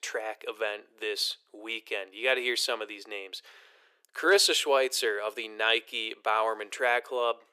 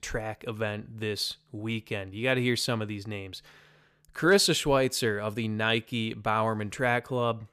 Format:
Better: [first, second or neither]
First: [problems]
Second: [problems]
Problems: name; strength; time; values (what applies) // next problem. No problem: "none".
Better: second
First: thin; very; fading below 350 Hz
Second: none